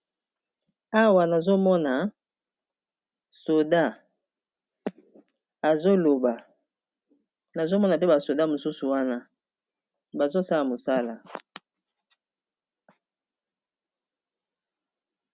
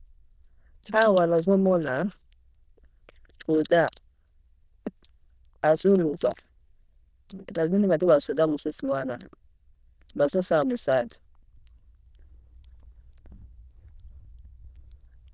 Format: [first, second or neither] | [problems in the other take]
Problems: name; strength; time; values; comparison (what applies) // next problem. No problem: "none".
first | noise reduction (neural diffusion model UNIVERSE++)